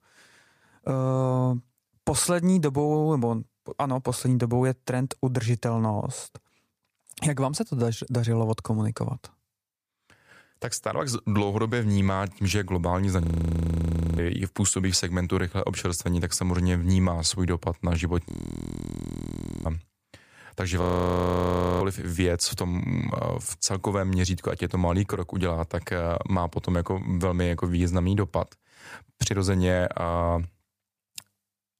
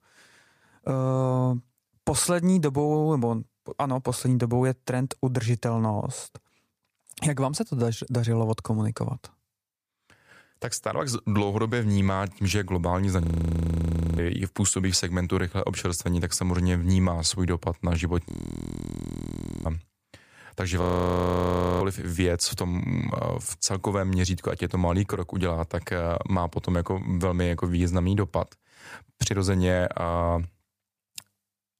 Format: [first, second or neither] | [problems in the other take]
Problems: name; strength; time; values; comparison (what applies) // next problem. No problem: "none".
neither | audio freezing; at 13 s for 1 s, at 18 s for 1.5 s and at 21 s for 1 s; the same in both